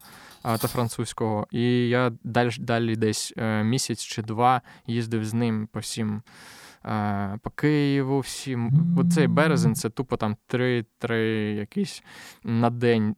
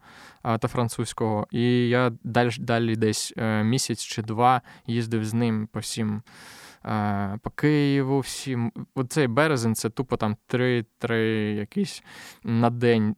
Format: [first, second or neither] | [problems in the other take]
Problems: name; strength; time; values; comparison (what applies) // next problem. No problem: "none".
second | clattering dishes; noticeable; at the start; peak 9 dB below the speech // phone ringing; loud; from 8.5 to 10 s; peak 5 dB above the speech